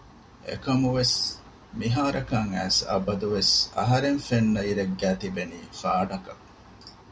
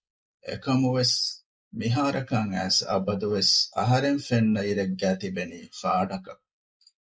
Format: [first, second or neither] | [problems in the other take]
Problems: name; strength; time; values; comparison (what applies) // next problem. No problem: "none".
first | noise reduction (neural mask model Resemble Enhance denoiser)